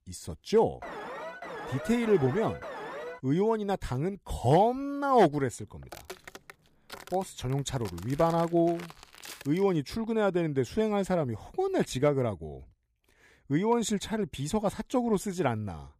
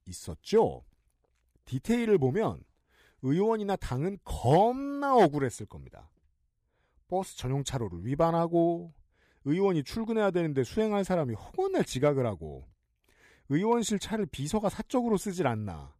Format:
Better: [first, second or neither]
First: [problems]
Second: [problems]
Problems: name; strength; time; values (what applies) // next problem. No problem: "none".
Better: second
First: alarm; faint; from 1 to 3 s; peak 10 dB below the speech // footsteps; faint; from 6 to 9.5 s; peak 15 dB below the speech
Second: none